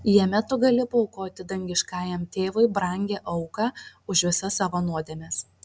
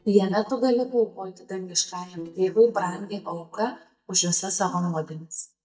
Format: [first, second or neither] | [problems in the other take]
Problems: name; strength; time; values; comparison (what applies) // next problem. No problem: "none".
first | noise reduction (neural mask model DeepFilterNet 3)